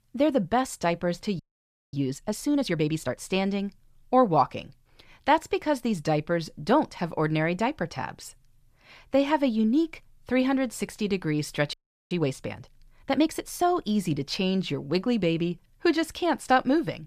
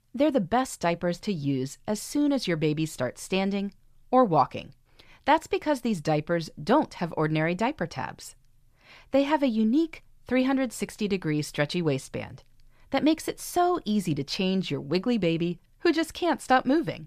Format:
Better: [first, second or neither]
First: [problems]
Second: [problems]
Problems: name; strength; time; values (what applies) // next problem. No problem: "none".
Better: second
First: audio freezing; at 1.5 s for 0.5 s and at 12 s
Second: none